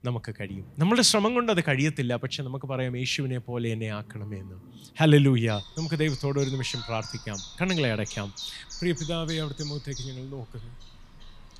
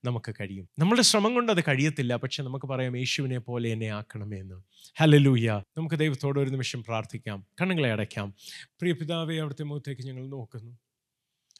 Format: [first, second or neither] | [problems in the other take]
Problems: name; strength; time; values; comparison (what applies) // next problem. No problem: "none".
second | animal sounds; noticeable; throughout; 15 dB below the speech